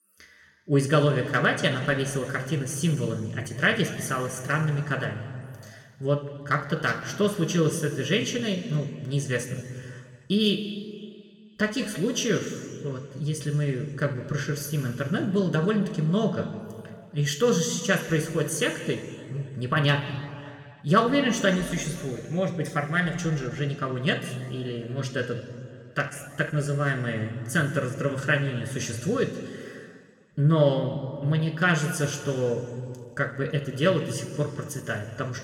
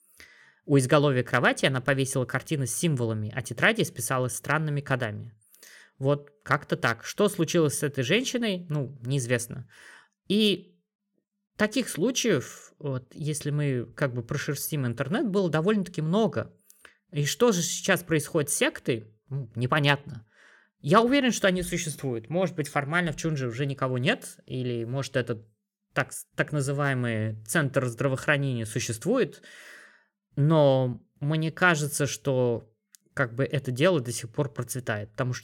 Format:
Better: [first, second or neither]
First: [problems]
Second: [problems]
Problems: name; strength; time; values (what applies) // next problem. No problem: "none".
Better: second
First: room echo; slight; dies away in 1.9 s // off-mic speech; somewhat distant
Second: none